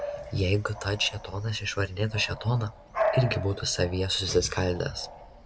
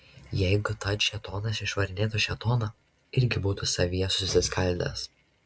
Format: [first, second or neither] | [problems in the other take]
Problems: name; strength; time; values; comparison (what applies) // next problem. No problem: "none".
second | background sound (Bark / Bird vocalization, bird call, bird song); 8 dB below the speech